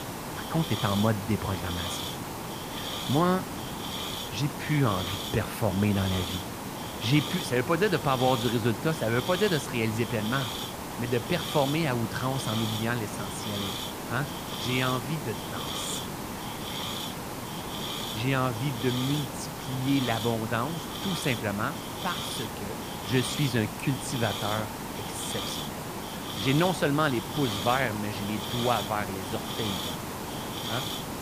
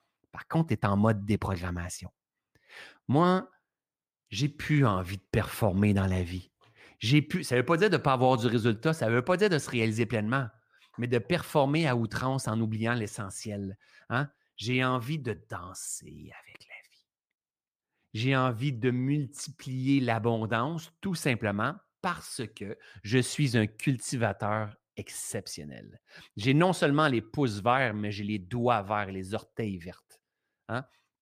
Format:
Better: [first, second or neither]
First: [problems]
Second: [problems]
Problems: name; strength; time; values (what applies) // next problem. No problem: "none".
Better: second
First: hiss; loud; throughout; 4 dB below the speech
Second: none